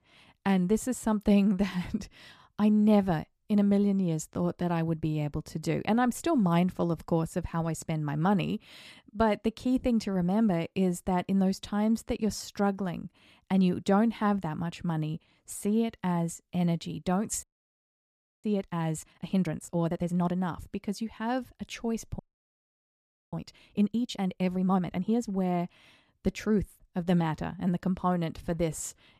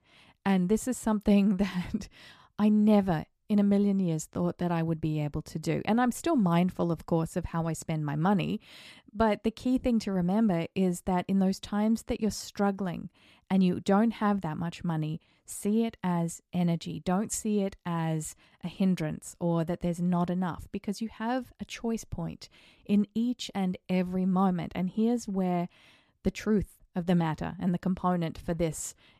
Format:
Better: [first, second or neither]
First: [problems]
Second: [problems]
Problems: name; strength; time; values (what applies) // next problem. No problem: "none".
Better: second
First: audio freezing; at 17 s for 1 s and at 22 s for 1 s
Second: none